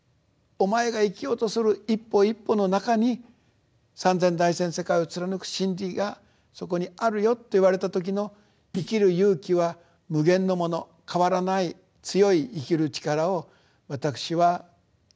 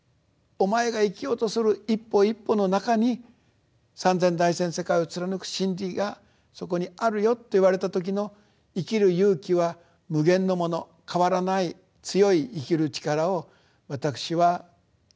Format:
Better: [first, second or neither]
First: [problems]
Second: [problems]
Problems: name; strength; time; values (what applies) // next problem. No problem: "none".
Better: second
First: background sound (Snare drum); 18 dB below the speech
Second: none